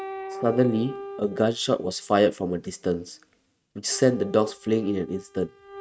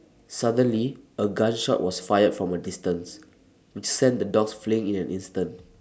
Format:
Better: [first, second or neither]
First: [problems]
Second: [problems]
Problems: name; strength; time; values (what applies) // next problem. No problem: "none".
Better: second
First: noise reduction (neural mask model RNNoise)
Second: none